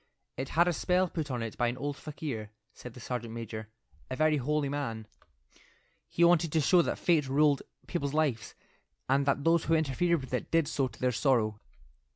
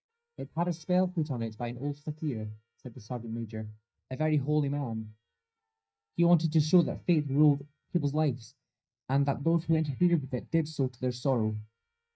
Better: first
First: none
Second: noise reduction (neural mask model DeepFilterNet 3)

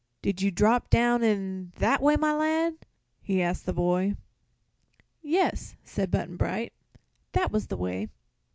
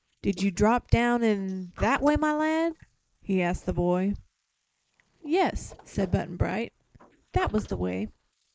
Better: first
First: none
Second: noise reduction (neural mask model Resemble Enhance denoiser)

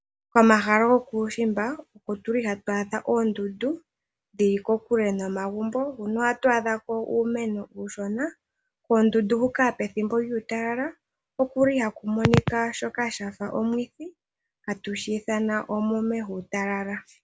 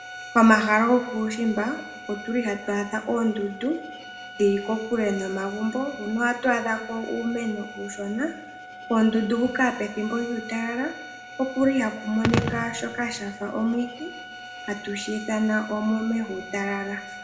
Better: first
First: none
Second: background sound (Bowed string instrument); 14 dB below the speech // room echo; dies away in 0.8 s

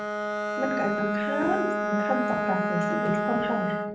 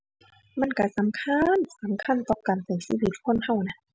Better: second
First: background sound (Bowed string instrument); 2 dB above the speech // room echo; dies away in 0.6 s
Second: none

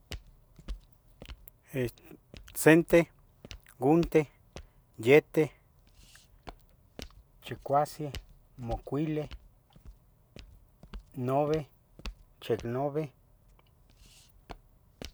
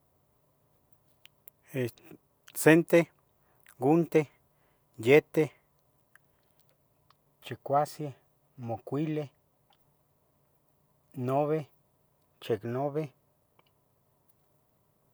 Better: second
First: background sound (Walk, footsteps); 17 dB below the speech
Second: none

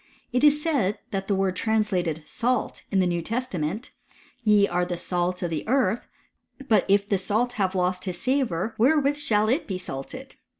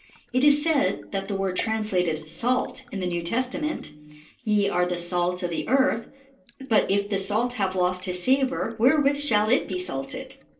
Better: first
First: none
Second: noise reduction (neural separator model SepFormer DNS4)

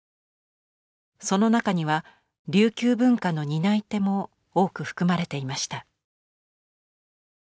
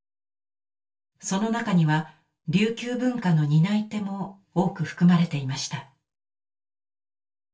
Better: first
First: none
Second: room echo; dies away in 0.2 s

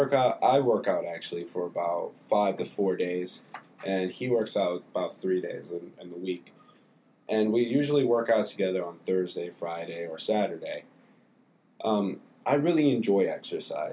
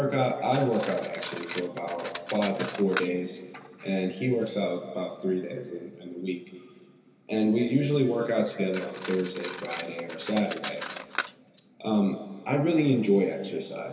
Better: first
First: none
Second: background sound (Cutlery, silverware); 12 dB below the speech // room echo; dies away in 2.3 s

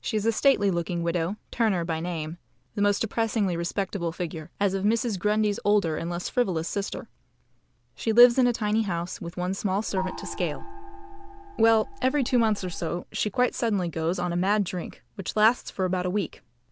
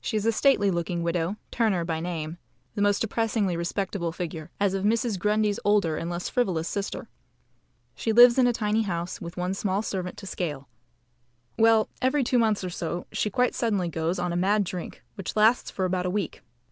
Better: second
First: background sound (Gong); 8 dB below the speech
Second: none

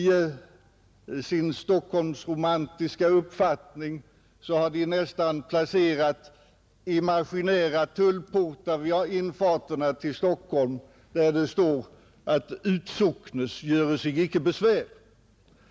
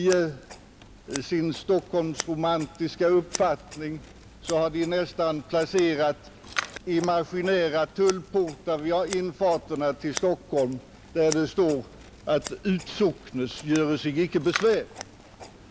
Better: first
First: none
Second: background sound (Scissors); 15 dB below the speech

